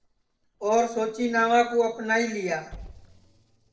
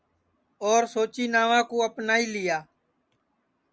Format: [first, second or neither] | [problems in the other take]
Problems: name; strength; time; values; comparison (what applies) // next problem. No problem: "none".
second | noise reduction (neural separator model SepFormer DNS4)